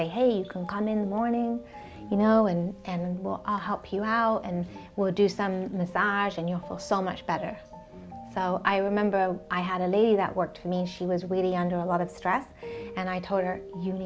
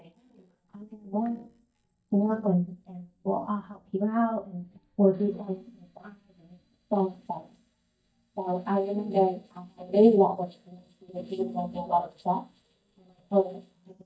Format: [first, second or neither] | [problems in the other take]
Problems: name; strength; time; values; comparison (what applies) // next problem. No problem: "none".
first | noise reduction (neural mask model DeepFilterNet 3)